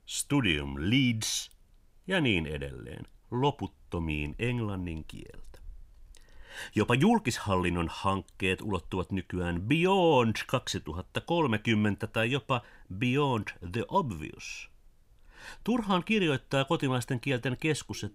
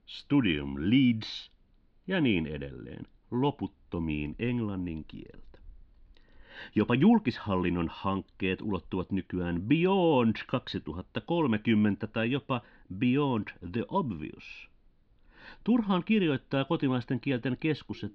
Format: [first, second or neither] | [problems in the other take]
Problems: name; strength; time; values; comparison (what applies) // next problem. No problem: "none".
first | muffled; slightly; fading above 4.5 kHz